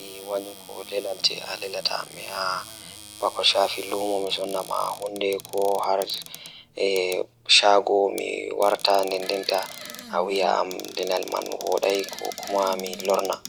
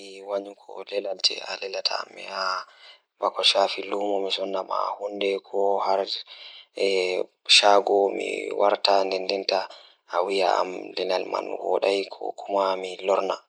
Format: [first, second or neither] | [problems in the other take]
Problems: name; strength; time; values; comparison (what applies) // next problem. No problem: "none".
second | background sound (Cupboard open or close + Fart); 16 dB below the speech